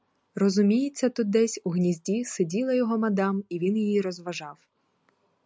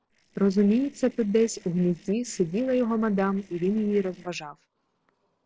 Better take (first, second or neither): first